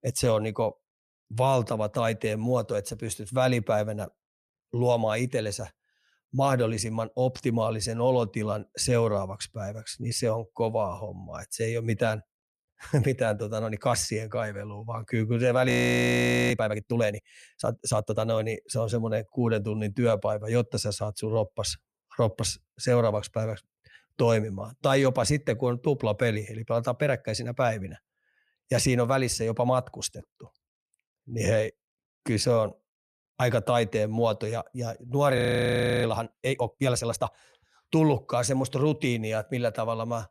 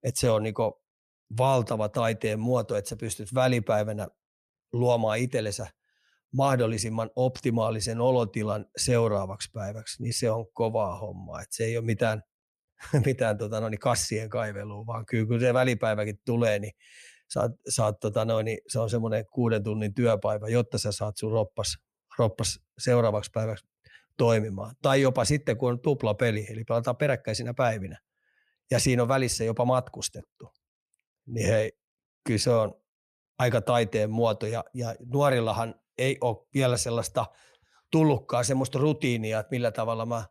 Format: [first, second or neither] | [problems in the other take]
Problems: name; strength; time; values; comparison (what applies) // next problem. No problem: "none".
second | audio freezing; at 16 s for 1 s and at 35 s for 0.5 s